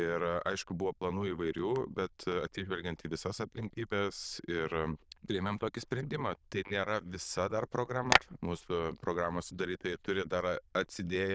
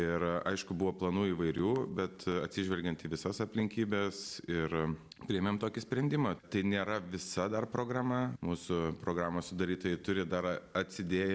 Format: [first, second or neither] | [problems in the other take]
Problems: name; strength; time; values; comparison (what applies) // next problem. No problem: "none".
second | noise reduction (neural diffusion model UNIVERSE++)